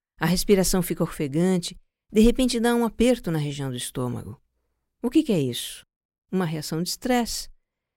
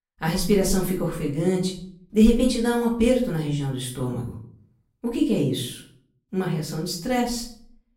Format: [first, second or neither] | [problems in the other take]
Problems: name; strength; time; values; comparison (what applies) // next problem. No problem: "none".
first | off-mic speech; far // room echo; slight; dies away in 0.5 s